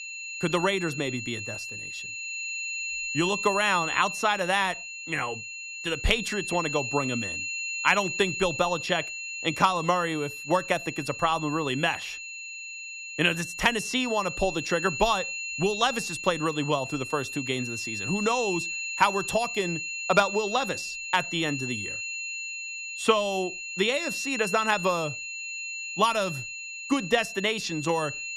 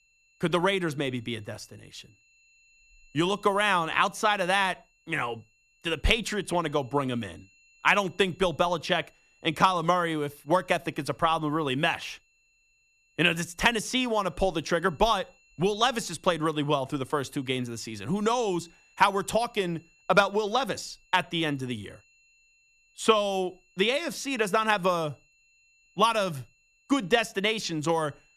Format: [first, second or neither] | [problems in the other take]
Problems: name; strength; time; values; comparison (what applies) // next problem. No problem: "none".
second | high-pitched whine; loud; throughout; 2.5 kHz, 5 dB below the speech; faint in the second